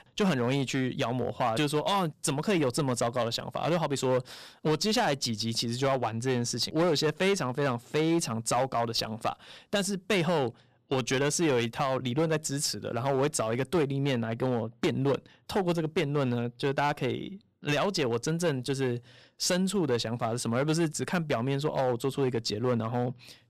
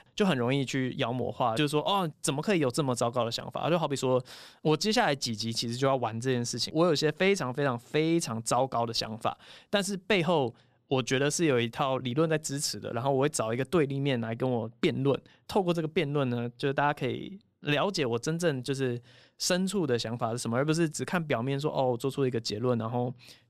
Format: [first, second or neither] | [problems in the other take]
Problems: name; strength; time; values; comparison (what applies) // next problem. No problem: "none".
second | distortion; slight; 7% of the sound clipped